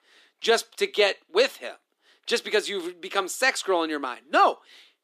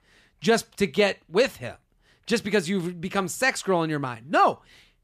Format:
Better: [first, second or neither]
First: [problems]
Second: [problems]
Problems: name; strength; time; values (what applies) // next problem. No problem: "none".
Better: second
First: thin; somewhat; fading below 300 Hz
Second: none